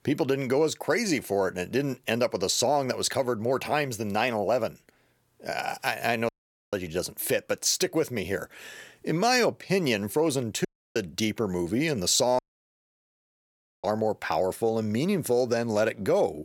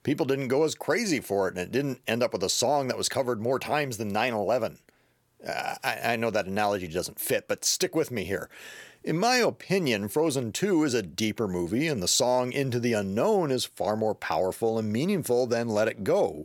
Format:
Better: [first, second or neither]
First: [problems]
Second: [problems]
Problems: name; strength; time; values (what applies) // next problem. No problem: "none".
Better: second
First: audio cutting out; at 6.5 s, at 11 s and at 12 s for 1.5 s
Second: none